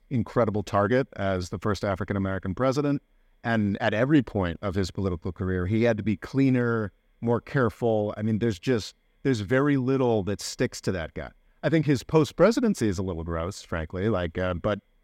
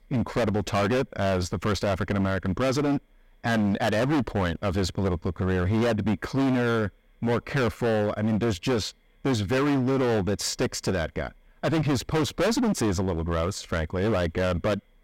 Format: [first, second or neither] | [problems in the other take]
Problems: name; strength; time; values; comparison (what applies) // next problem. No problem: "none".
first | distortion; heavy; 22% of the sound clipped